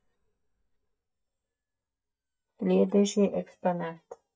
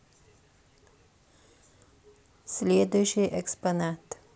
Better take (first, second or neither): second